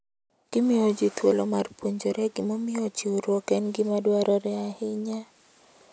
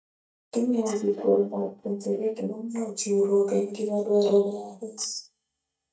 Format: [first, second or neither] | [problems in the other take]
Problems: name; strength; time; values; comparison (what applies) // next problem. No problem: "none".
first | noise reduction (neural mask model DeepFilterNet 3)